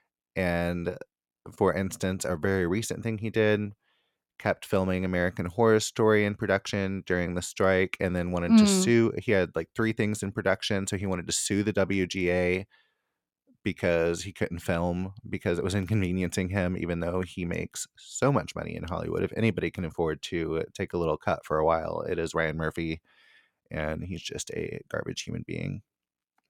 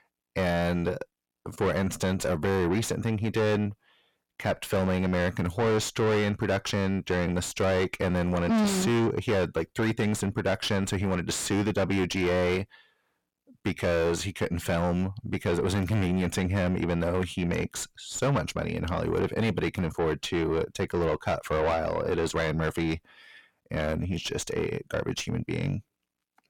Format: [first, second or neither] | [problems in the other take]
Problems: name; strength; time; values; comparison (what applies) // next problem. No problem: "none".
first | distortion; heavy; 6 dB below the speech